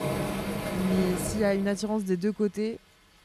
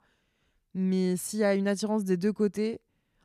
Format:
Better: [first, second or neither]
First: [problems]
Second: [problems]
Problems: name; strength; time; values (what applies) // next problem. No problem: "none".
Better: second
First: rain or running water; loud; throughout; 4 dB below the speech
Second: none